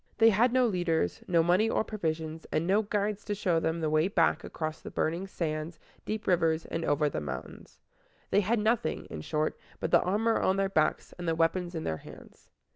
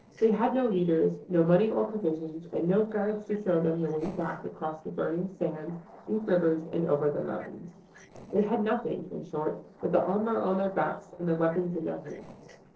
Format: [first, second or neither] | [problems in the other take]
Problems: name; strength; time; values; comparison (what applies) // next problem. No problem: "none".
first | noise reduction (neural separator model SepFormer DNS4)